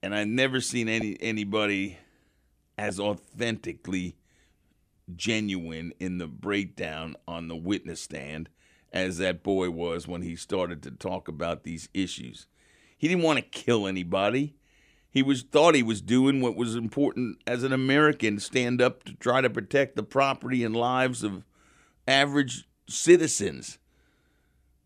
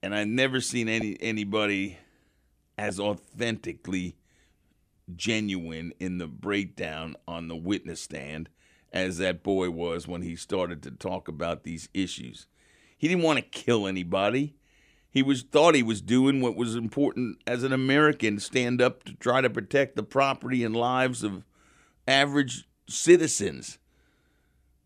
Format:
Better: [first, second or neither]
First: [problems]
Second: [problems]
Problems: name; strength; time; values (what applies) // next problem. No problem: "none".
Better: neither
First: none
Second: none